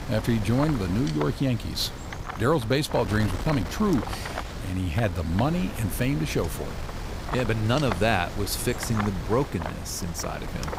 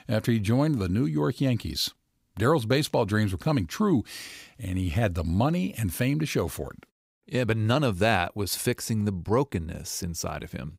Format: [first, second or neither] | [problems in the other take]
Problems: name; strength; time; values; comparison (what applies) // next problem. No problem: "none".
second | wind noise on the microphone; heavy; 7 dB below the speech